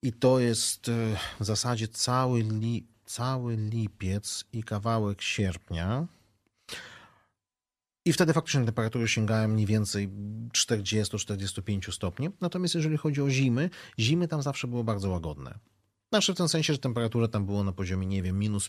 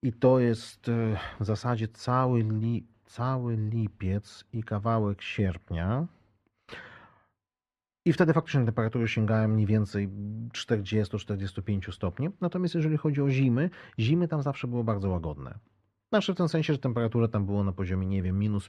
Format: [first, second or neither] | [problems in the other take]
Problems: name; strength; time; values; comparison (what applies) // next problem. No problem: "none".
first | muffled; very; fading above 4 kHz